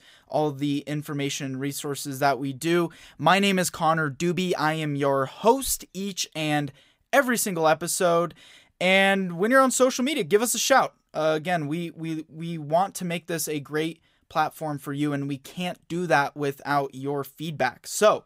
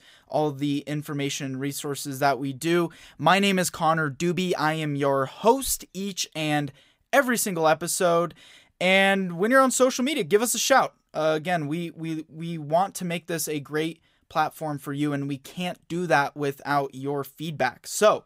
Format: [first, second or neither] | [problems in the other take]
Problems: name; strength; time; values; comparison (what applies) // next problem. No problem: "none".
neither | none